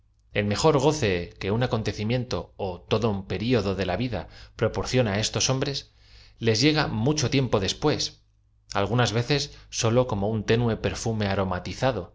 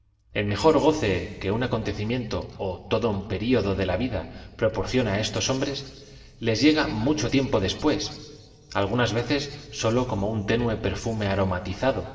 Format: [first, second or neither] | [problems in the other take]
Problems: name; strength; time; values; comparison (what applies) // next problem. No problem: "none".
first | room echo; dies away in 2.8 s